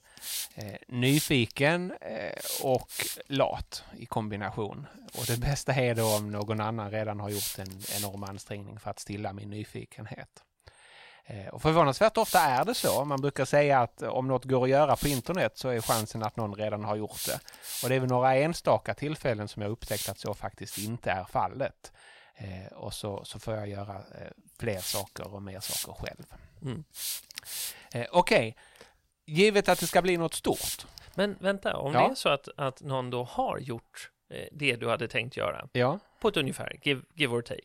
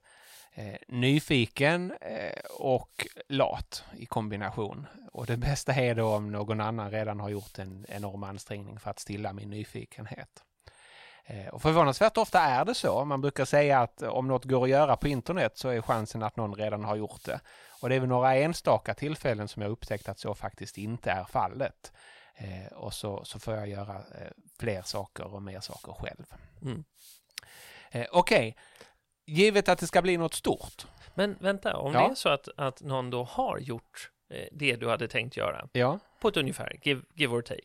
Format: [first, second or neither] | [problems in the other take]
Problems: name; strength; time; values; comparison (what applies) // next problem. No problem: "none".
second | hiss; loud; until 8.5 s, from 12 to 21 s and from 23 to 31 s; 7 dB below the speech; faint in the second